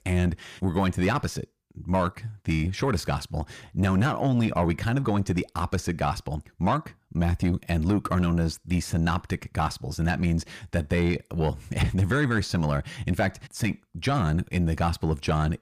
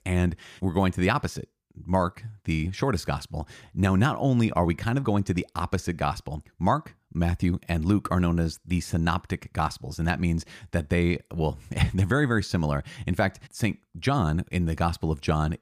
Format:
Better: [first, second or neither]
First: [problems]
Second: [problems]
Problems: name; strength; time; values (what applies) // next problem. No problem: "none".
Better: second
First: distortion; slight; 10 dB below the speech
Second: none